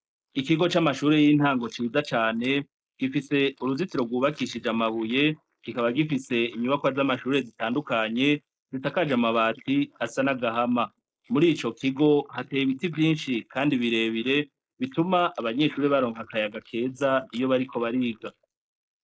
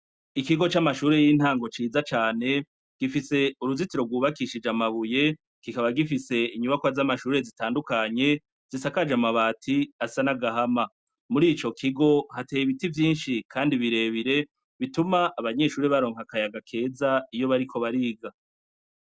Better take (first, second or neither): second